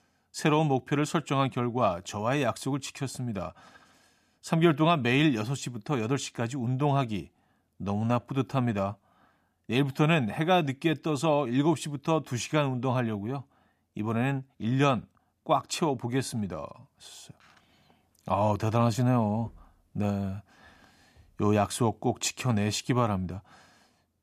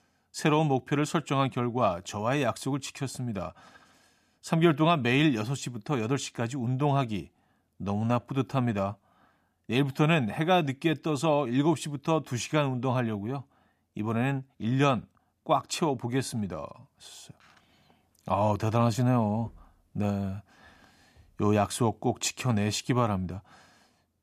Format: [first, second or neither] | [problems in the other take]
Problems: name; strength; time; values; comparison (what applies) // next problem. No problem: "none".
neither | none